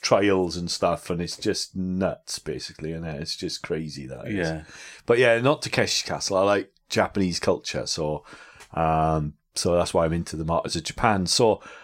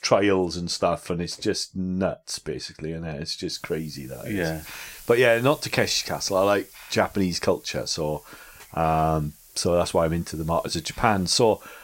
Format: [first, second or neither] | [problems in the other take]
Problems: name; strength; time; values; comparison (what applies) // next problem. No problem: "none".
first | hiss; faint; from 3.5 s on; 20 dB below the speech